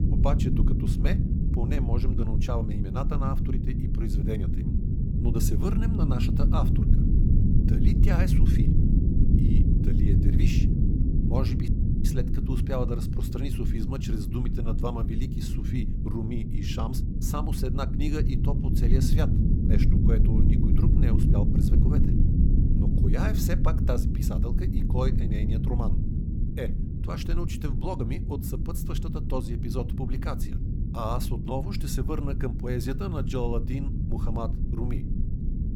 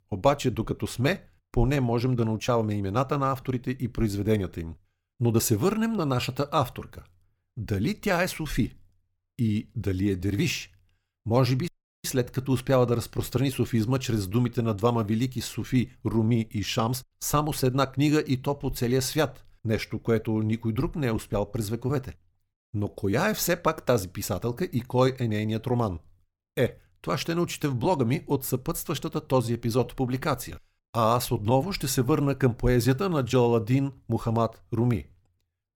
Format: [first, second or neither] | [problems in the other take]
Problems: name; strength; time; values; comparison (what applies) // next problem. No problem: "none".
second | low rumble; loud; throughout; 1 dB below the speech